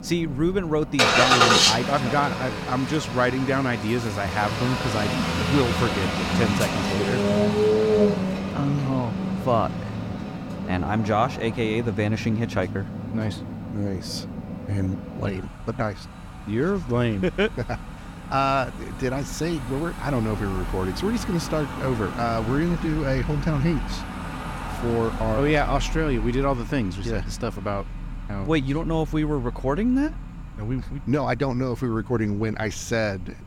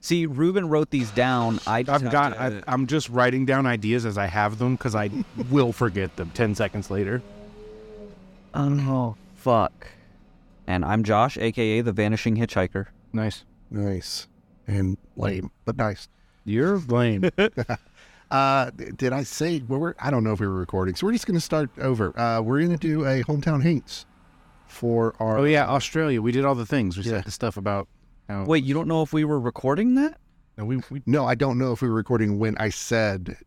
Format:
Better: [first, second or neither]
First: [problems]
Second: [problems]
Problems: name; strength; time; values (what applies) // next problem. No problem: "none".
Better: second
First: traffic noise; loud; throughout; 1 dB below the speech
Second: traffic noise; faint; throughout; 25 dB below the speech